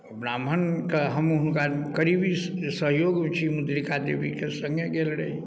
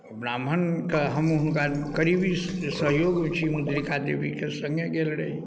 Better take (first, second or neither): first